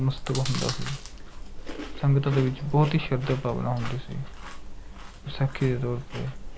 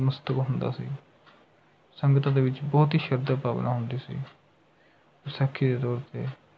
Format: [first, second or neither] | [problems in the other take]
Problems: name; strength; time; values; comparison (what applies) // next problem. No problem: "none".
second | background sound (Chewing, mastication); 7 dB below the speech